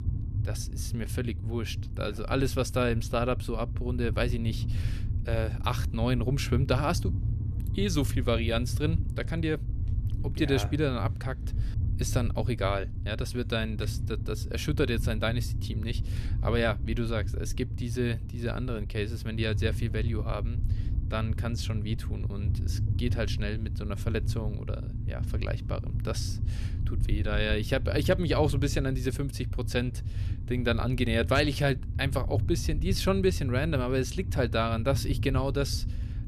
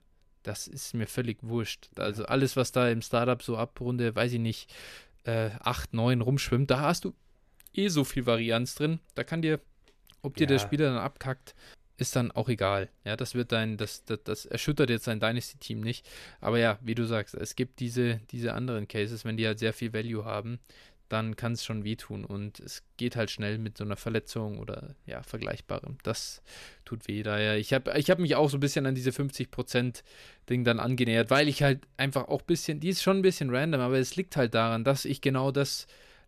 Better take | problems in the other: second | low rumble; noticeable; throughout; 15 dB below the speech

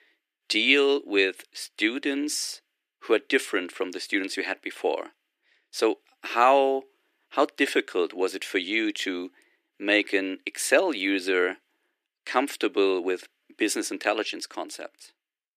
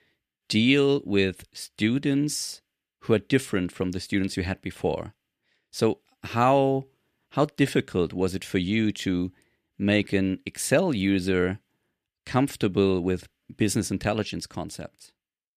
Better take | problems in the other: second | thin; somewhat; fading below 300 Hz

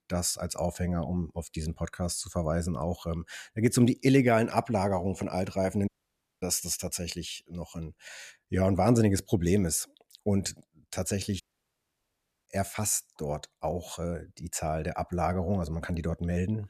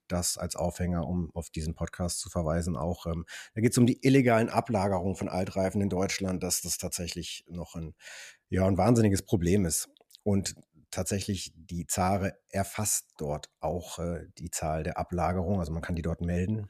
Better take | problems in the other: second | audio cutting out; at 6 s for 0.5 s and at 11 s for 1 s

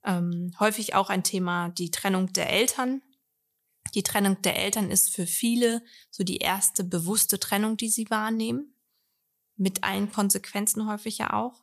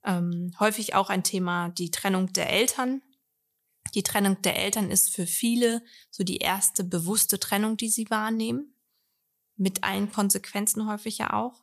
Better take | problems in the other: neither | none

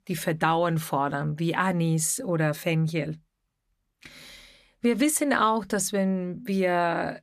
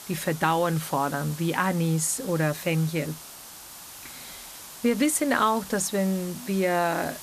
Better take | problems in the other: first | hiss; noticeable; throughout; 15 dB below the speech

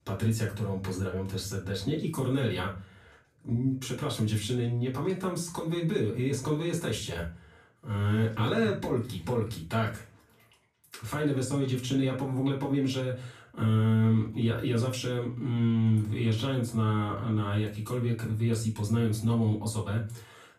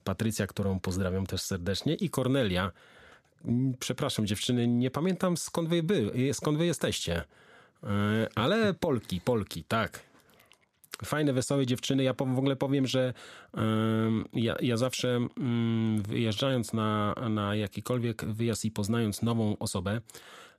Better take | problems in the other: second | room echo; slight; dies away in 0.3 s // off-mic speech; far

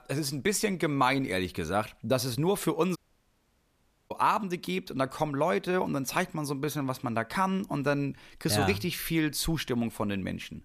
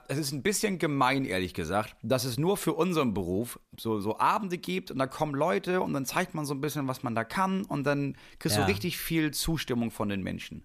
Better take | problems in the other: second | audio cutting out; at 3 s for 1 s

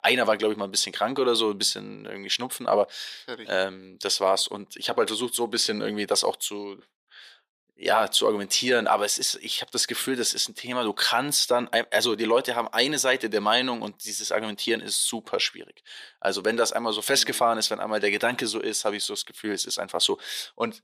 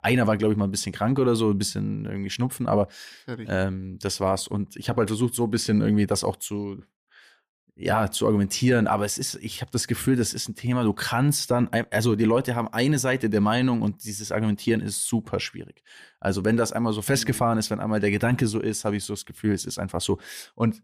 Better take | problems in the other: second | thin; somewhat; fading below 500 Hz

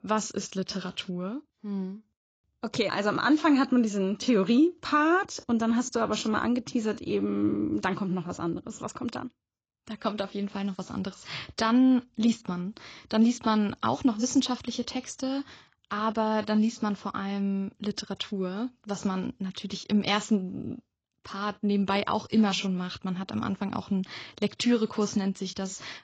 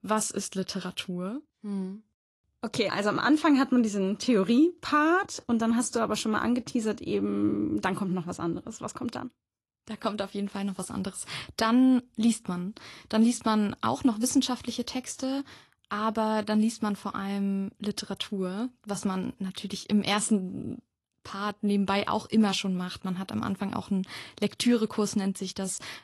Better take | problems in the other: second | garbled, watery; badly; nothing above 7.5 kHz; slightly in the second

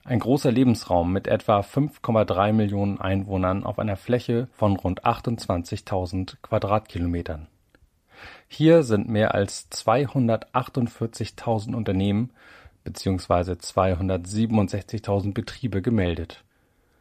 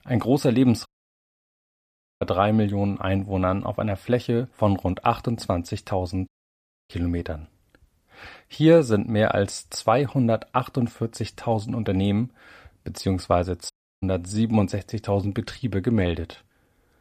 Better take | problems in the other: first | audio cutting out; at 1 s for 1.5 s, at 6.5 s for 0.5 s and at 14 s

